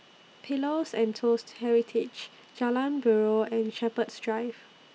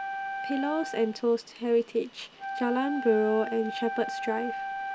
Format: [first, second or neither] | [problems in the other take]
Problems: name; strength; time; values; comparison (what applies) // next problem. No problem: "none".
first | background sound (Wind instrument, woodwind instrument); 7 dB below the speech